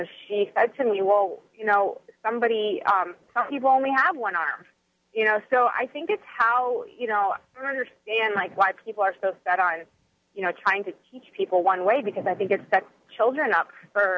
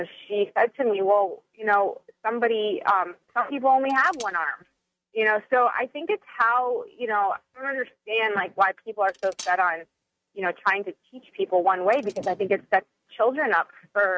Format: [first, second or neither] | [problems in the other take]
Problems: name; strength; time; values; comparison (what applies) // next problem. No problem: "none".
first | noise reduction (neural mask model RNNoise)